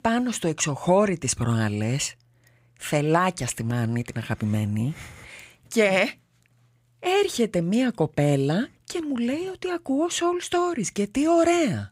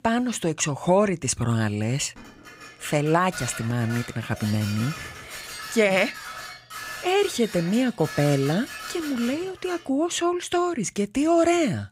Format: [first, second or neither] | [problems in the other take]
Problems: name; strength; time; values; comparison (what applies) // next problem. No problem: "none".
first | clattering dishes; noticeable; from 2 to 10 s; peak 9 dB below the speech